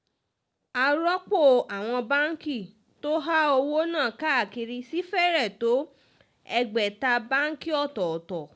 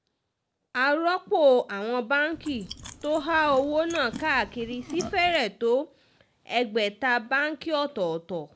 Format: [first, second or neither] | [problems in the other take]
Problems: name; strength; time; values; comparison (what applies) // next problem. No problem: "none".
first | background sound (Chewing, mastication); 15 dB below the speech